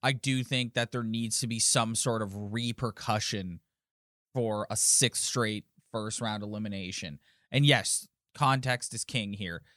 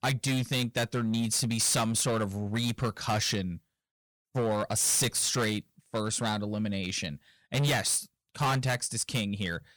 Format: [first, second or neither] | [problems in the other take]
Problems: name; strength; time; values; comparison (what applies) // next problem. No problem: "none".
first | distortion; heavy; 13% of the sound clipped